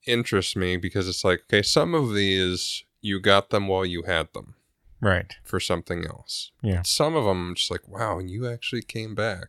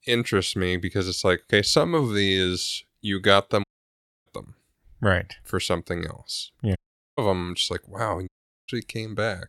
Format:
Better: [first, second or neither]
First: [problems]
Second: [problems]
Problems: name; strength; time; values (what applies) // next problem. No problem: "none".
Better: first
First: none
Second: audio cutting out; at 3.5 s for 0.5 s, at 7 s and at 8.5 s